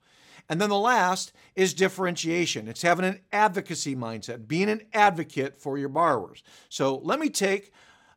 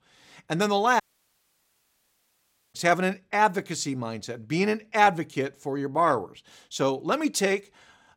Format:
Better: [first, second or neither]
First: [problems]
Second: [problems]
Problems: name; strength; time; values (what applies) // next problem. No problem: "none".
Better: first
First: none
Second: audio cutting out; at 1 s for 1.5 s